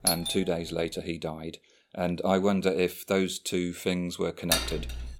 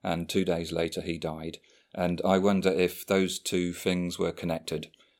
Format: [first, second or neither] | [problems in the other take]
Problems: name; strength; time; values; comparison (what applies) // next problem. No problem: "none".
second | doorbell; loud; at the start; peak 3 dB above the speech // clattering dishes; loud; at 4.5 s; peak 2 dB above the speech